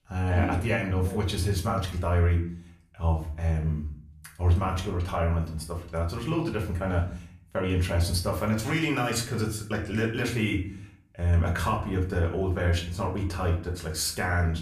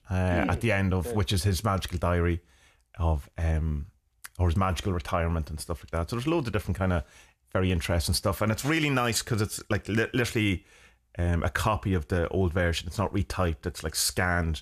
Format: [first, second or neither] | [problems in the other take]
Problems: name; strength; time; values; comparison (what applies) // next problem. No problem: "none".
second | room echo; slight; dies away in 0.5 s // off-mic speech; far